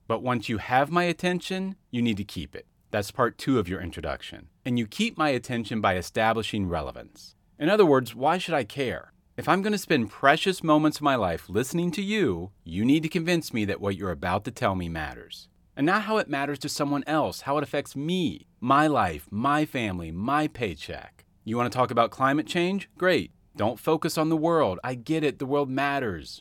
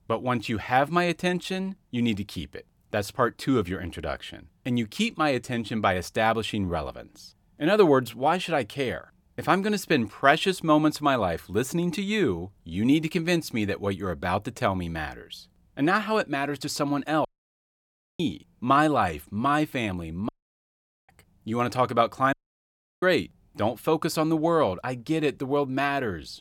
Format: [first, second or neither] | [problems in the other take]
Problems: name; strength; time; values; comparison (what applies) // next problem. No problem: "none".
first | audio cutting out; at 17 s for 1 s, at 20 s for 1 s and at 22 s for 0.5 s